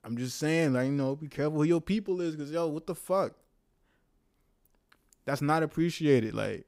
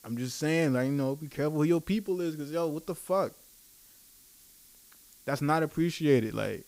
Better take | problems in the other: first | hiss; faint; throughout; 25 dB below the speech

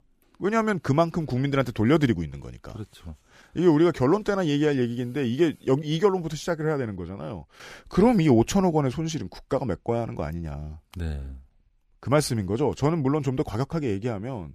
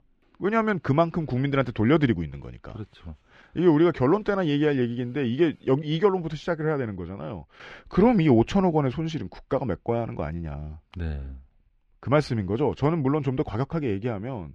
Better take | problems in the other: first | muffled; slightly; fading above 3 kHz

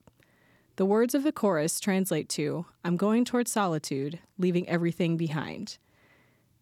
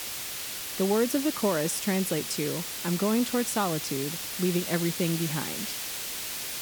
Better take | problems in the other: first | hiss; loud; throughout; 3 dB below the speech

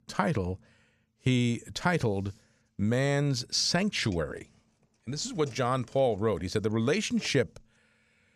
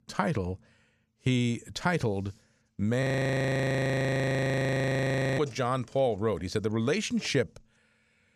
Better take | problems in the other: first | audio freezing; at 3 s for 2.5 s

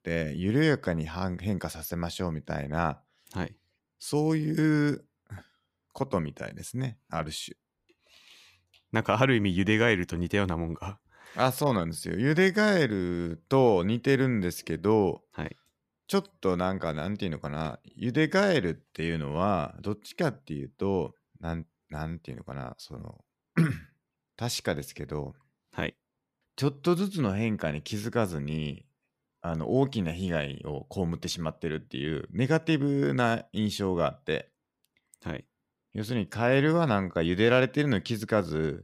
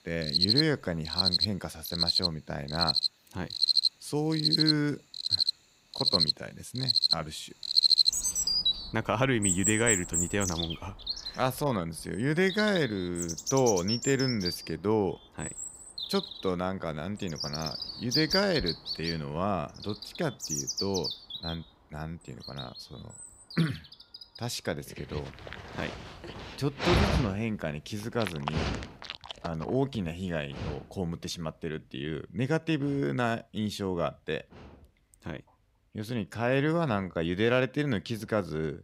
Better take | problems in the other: first | animal sounds; very loud; throughout; 3 dB above the speech

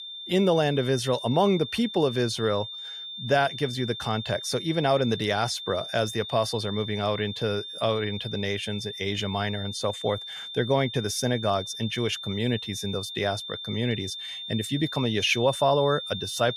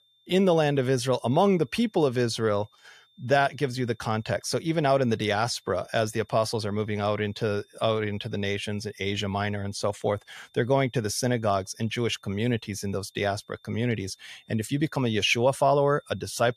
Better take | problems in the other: second | high-pitched whine; loud; throughout; 3.5 kHz, 8 dB below the speech; faint in the second

